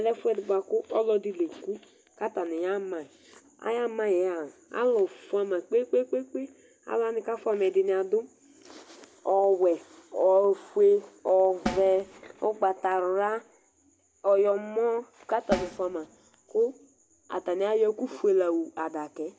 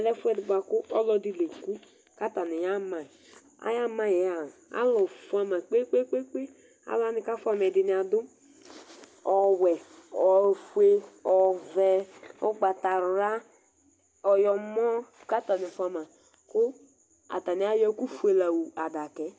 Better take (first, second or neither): second